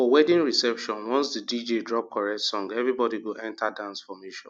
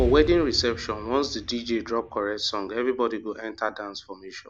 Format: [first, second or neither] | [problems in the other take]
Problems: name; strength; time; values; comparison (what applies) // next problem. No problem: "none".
first | background sound (Explosion); 11 dB below the speech